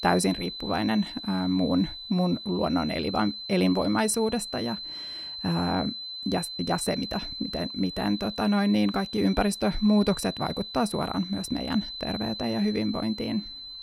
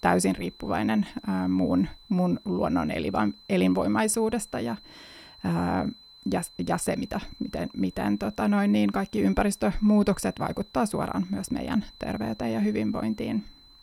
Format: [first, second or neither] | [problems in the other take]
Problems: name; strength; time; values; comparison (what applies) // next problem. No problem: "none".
second | high-pitched whine; loud; throughout; 4 kHz, 8 dB below the speech; faint in the second